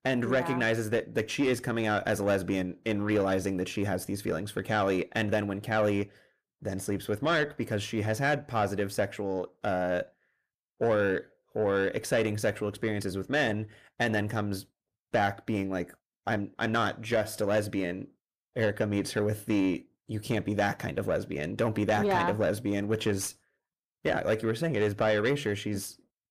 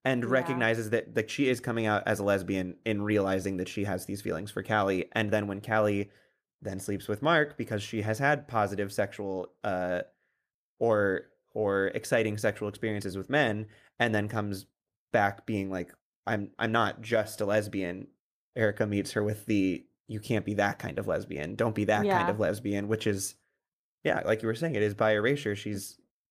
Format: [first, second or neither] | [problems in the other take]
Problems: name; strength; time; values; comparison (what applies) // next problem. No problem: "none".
second | distortion; slight; 10 dB below the speech